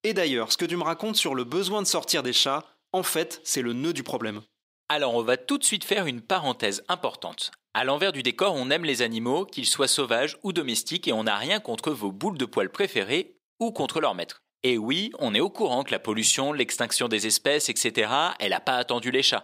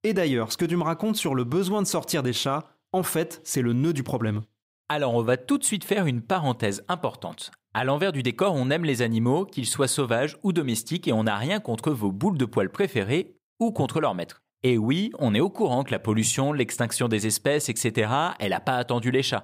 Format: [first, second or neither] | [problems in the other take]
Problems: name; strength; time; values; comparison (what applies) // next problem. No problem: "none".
second | thin; very slightly; fading below 300 Hz